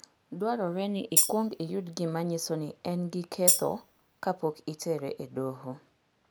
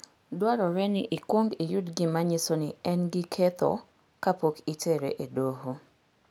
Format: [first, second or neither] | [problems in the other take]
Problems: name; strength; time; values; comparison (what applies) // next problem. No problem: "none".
second | background sound (Tambourine); 3 dB above the speech